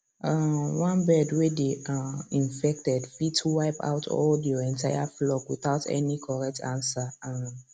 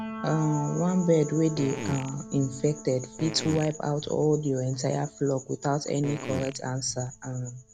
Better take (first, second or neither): first